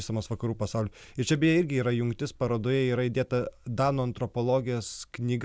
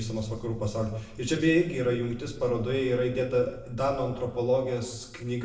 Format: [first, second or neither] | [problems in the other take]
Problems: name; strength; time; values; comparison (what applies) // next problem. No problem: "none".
first | room echo; dies away in 0.9 s